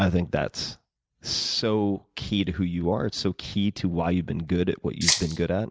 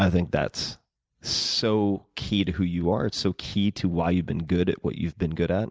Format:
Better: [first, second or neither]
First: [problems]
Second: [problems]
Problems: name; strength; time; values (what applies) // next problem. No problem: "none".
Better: second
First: background sound (Rattle (instrument)); as loud as the speech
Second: none